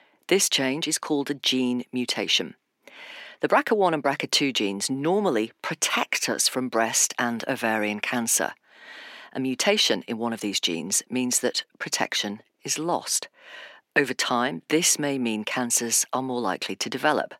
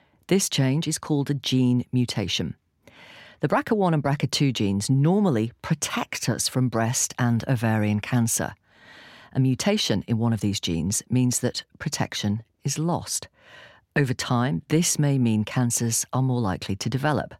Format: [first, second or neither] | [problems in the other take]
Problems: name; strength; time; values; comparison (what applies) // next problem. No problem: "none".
second | thin; somewhat; fading below 300 Hz